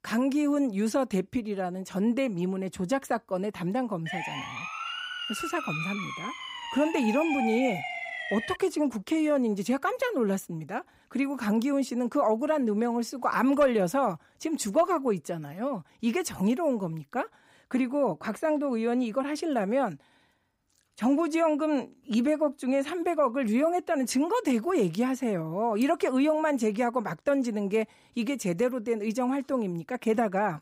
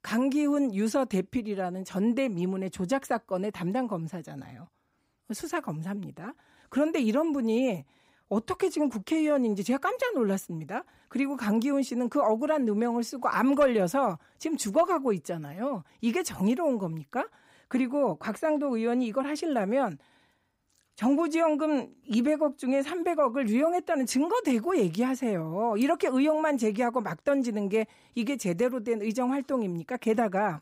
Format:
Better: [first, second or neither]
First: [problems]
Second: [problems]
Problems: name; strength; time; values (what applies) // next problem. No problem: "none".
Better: second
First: siren; noticeable; from 4 to 8.5 s; peak 3 dB below the speech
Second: none